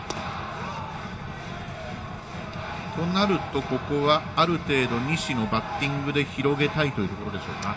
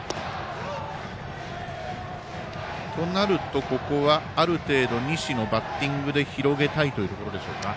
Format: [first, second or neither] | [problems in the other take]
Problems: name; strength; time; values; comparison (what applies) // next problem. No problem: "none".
second | room echo; dies away in 0.3 s